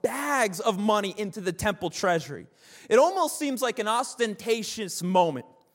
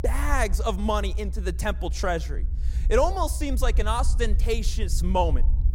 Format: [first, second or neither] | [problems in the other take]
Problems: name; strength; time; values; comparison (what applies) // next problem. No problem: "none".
first | low rumble; faint; throughout; 20 dB below the speech